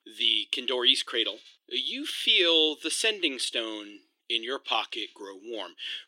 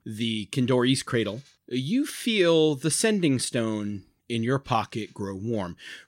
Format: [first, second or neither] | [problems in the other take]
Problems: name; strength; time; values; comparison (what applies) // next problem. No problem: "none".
second | thin; somewhat; fading below 300 Hz